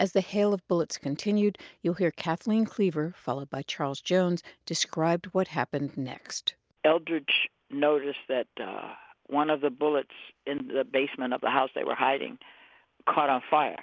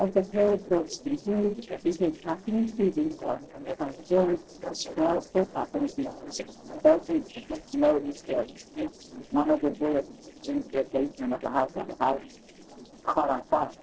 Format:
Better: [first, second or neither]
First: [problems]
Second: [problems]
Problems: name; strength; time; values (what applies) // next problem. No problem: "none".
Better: first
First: none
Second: noise reduction (neural separator model SepFormer DNS4)